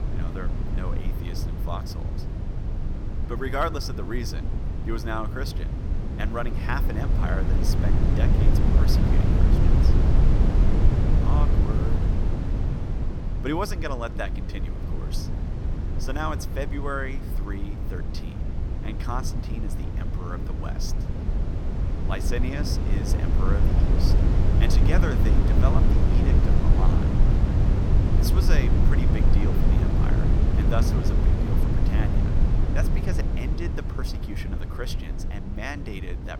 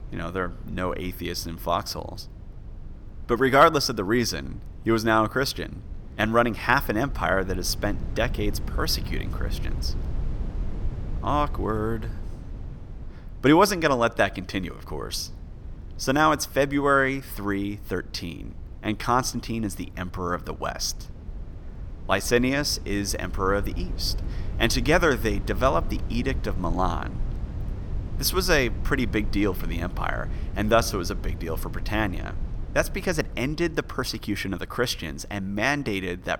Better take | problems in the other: second | low rumble; loud; throughout; 1 dB below the speech; faint in the second

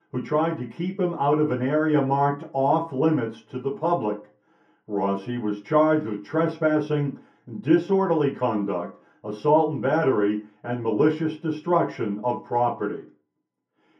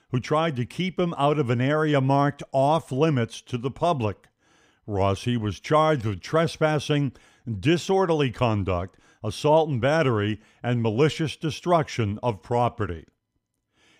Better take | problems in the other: second | room echo; slight; dies away in 0.3 s // off-mic speech; far

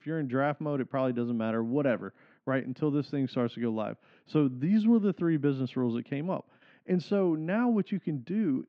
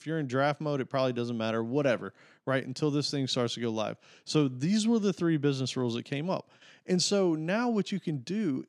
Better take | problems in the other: second | muffled; very; fading above 2.5 kHz

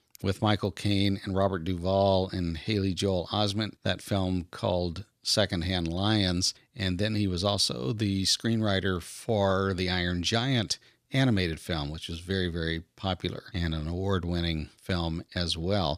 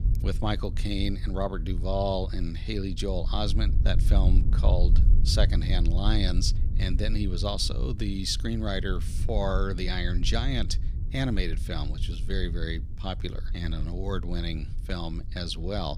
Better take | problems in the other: first | low rumble; noticeable; throughout; 15 dB below the speech

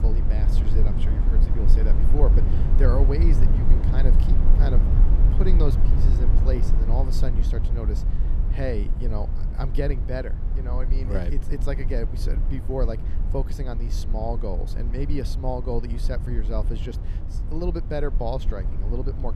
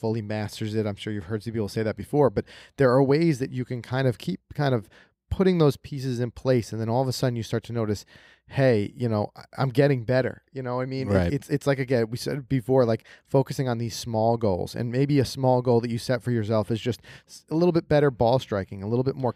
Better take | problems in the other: second | low rumble; loud; throughout; 6 dB below the speech

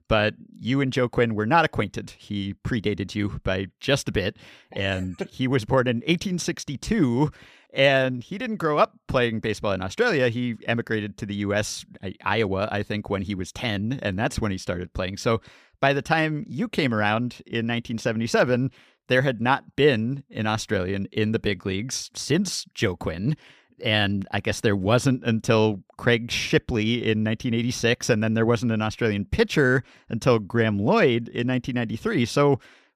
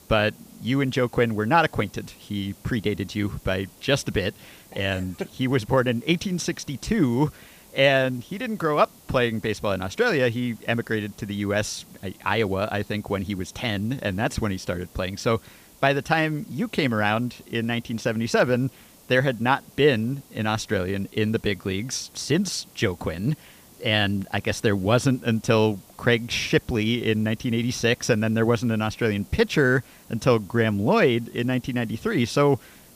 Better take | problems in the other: first | hiss; faint; throughout; 25 dB below the speech

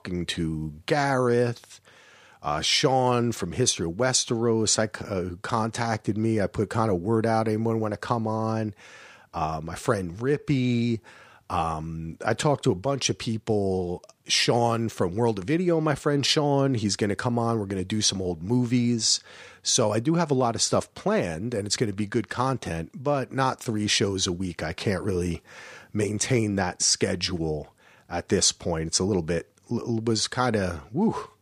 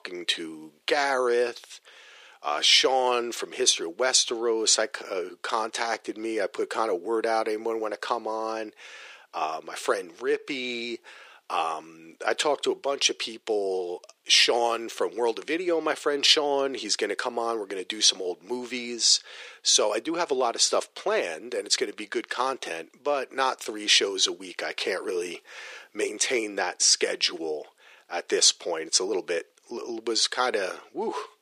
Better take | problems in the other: first | thin; very; fading below 400 Hz

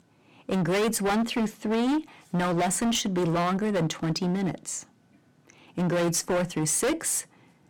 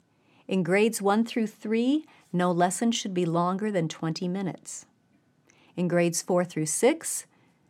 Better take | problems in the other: second | distortion; heavy; 20% of the sound clipped

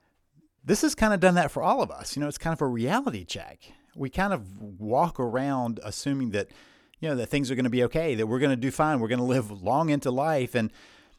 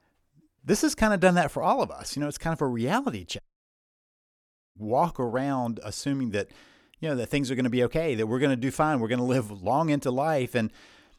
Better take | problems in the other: first | audio cutting out; at 3.5 s for 1.5 s

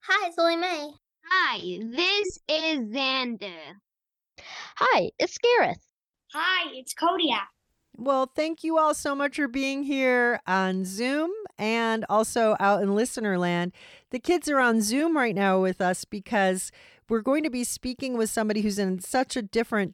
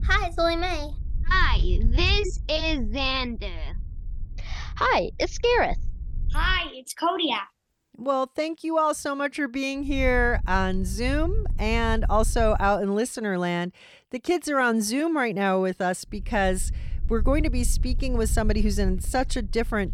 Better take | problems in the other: first | wind noise on the microphone; occasional gusts; until 6.5 s, from 10 to 13 s and from 16 s on; 25 dB below the speech

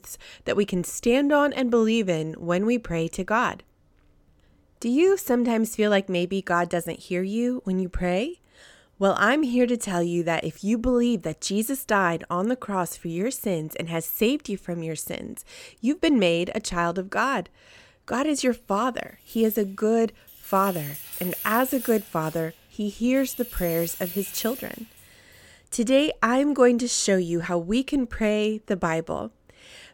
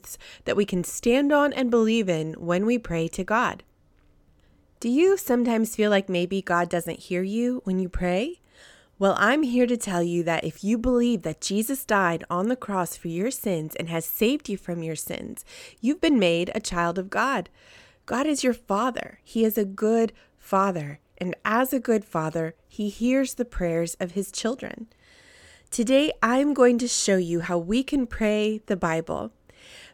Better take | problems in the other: second | jangling keys; noticeable; from 19 to 25 s; peak 6 dB below the speech

